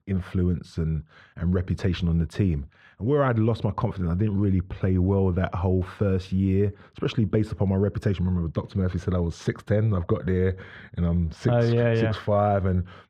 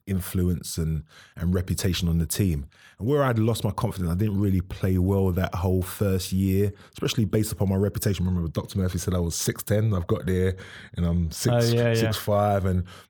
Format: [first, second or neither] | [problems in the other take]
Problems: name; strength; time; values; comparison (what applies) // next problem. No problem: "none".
second | muffled; slightly; fading above 2.5 kHz